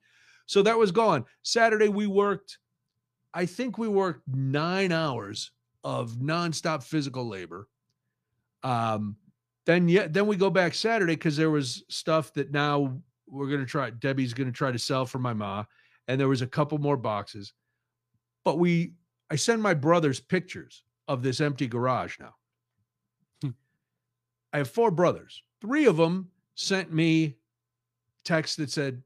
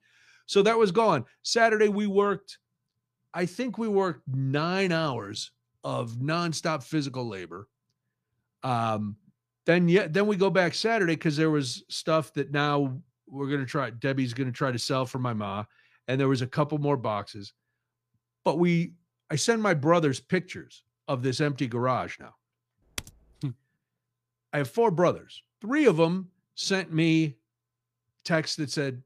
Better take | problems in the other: first | keyboard typing; very faint; at 23 s; peak 10 dB below the speech

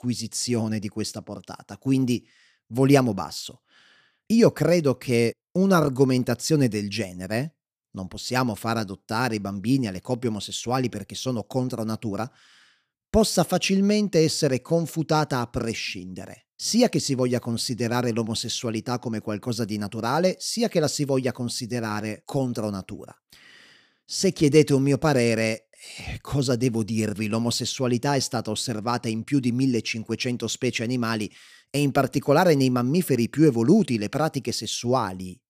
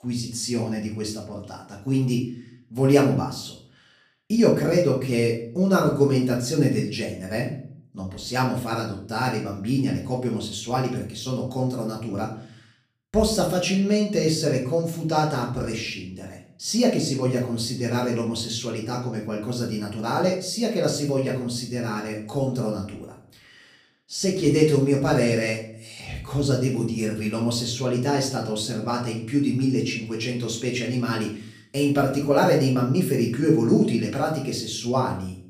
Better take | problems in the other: first | room echo; slight; dies away in 0.5 s // off-mic speech; far

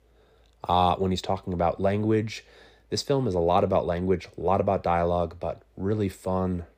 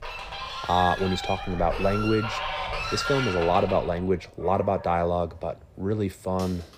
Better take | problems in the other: first | animal sounds; loud; throughout; 6 dB below the speech

